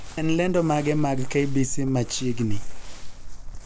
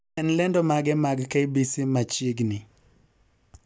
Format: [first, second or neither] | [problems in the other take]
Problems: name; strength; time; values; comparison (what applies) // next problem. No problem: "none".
second | background sound (Crumpling, crinkling); 2 dB below the speech